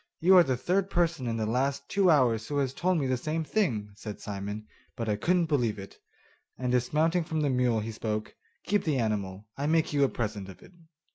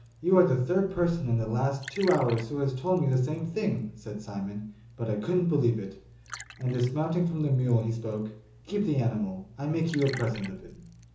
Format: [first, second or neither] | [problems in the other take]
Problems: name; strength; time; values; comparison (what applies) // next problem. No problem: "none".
first | background sound (Liquid); 20 dB below the speech // room echo; dies away in 0.6 s